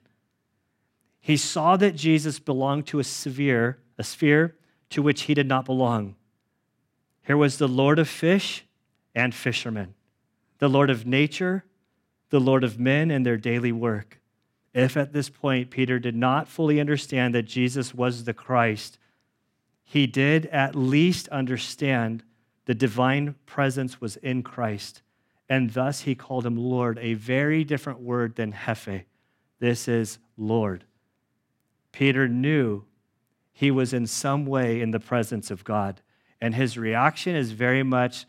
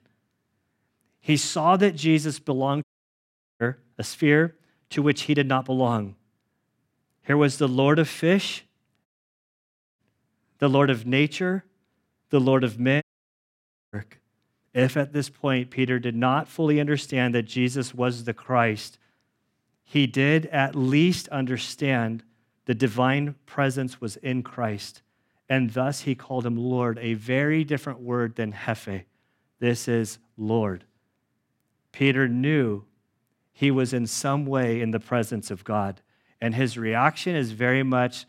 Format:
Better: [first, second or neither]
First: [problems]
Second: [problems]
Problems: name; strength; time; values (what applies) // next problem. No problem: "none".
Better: first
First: none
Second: audio cutting out; at 3 s for 1 s, at 9 s for 1 s and at 13 s for 1 s